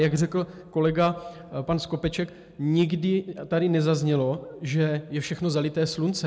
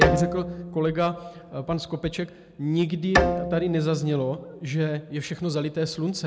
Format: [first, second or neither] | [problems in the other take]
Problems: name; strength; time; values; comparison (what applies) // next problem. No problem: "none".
first | background sound (Bowed string instrument); 3 dB below the speech